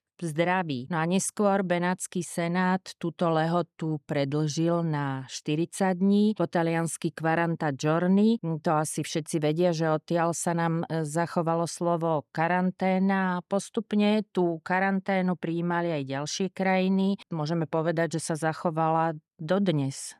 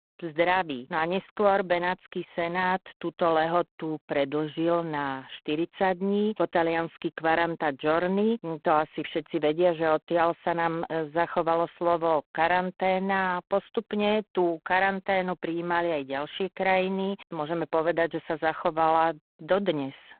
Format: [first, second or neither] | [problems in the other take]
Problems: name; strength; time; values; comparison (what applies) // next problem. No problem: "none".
first | phone-call audio; poor line; nothing above 4 kHz